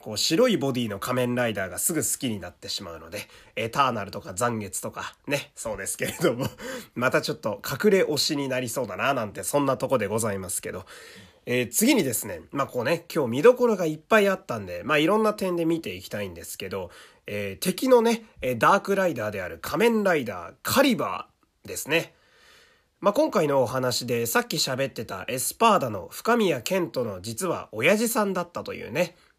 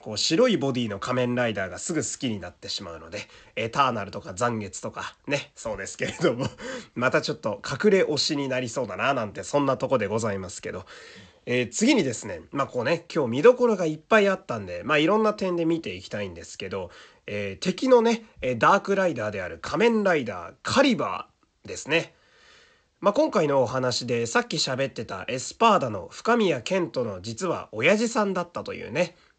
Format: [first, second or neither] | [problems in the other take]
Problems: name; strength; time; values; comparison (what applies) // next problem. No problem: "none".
first | garbled, watery; slightly; nothing above 8 kHz